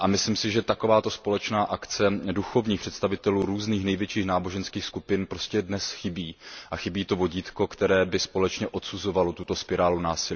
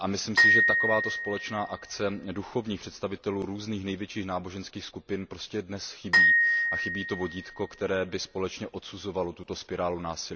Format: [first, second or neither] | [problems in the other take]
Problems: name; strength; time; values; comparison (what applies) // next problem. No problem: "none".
first | background sound (Glockenspiel); 5 dB above the speech